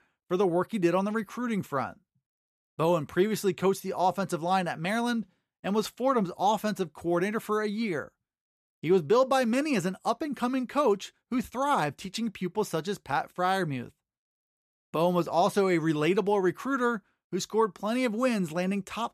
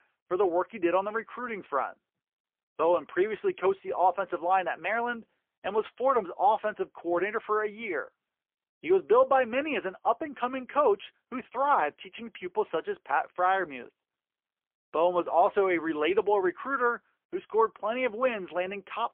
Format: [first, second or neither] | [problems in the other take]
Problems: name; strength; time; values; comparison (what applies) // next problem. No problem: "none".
first | phone-call audio; poor line; nothing above 3.5 kHz